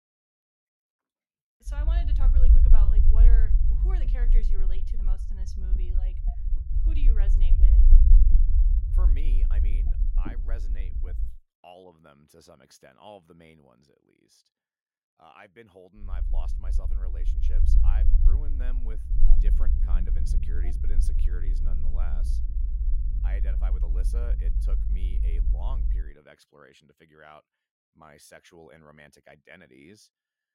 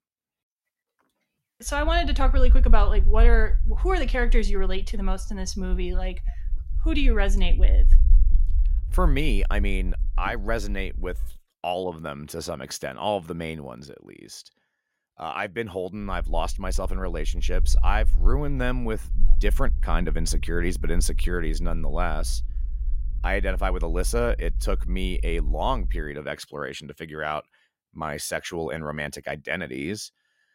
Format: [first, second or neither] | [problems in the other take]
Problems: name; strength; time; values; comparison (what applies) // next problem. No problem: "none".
second | low rumble; loud; from 1.5 to 11 s and from 16 to 26 s; as loud as the speech; faint in the second